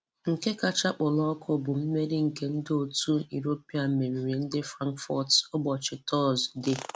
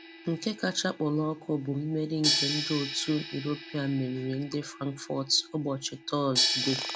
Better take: first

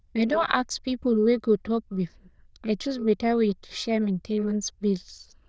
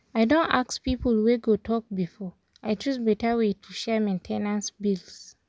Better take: second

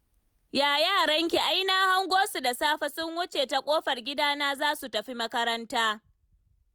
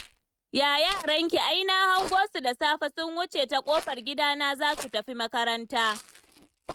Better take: first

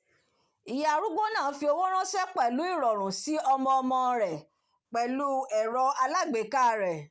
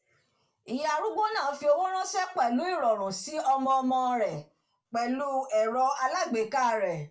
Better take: first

